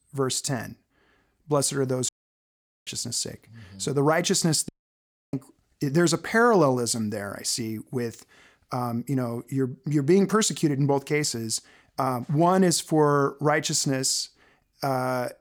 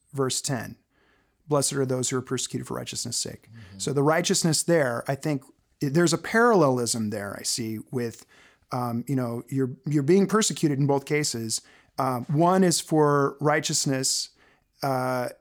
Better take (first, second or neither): second